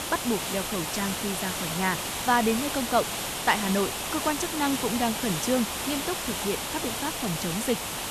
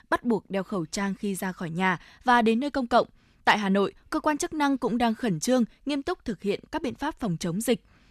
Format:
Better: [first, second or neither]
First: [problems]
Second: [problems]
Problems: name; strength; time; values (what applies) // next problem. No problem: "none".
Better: second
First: hiss; loud; throughout; 1 dB below the speech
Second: none